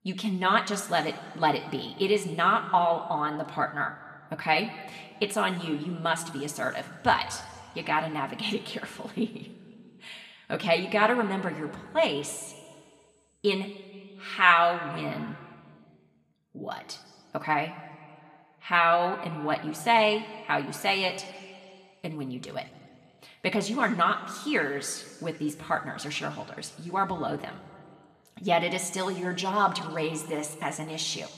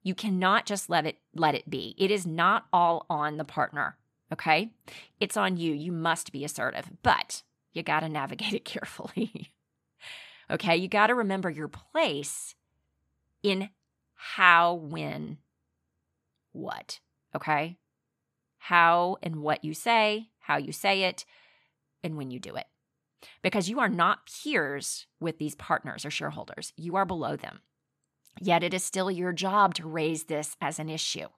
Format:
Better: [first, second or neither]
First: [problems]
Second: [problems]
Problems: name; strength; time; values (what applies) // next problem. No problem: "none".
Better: second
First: room echo; very slight; dies away in 1.5 s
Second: none